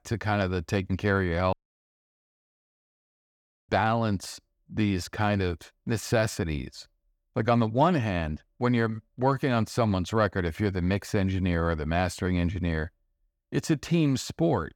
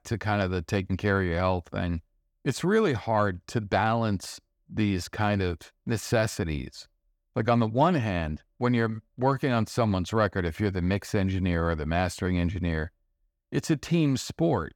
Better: second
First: audio cutting out; at 1.5 s for 2 s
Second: none

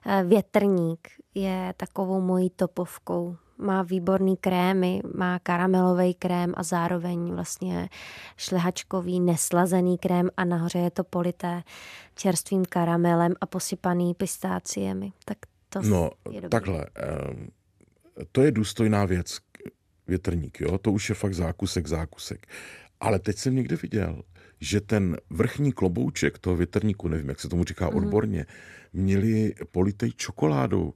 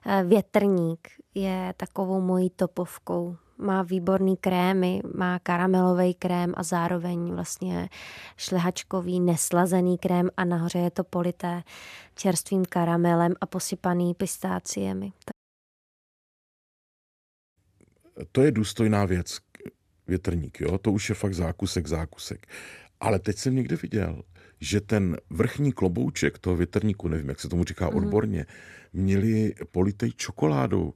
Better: first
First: none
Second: audio cutting out; at 15 s for 2 s

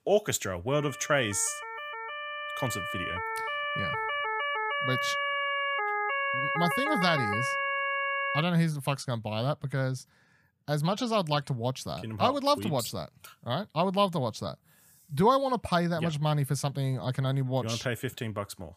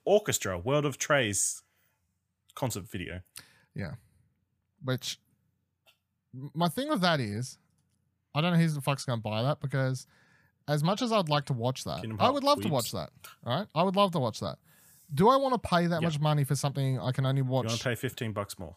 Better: second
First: siren; loud; from 1 to 8.5 s; peak 1 dB above the speech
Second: none

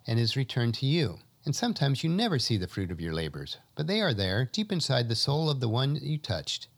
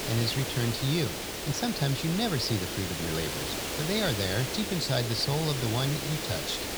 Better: first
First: none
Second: hiss; loud; throughout; 3 dB below the speech

